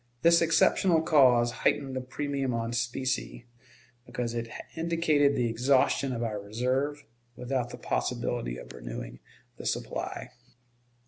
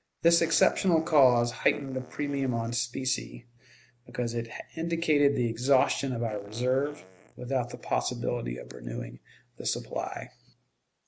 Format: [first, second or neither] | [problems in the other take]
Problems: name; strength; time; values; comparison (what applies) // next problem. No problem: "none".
first | noise reduction (neural mask model Resemble Enhance denoiser)